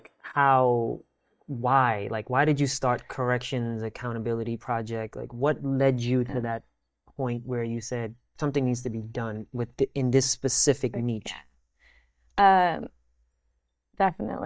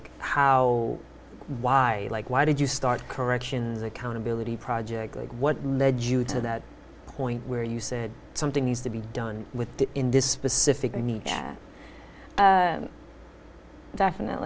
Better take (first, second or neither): second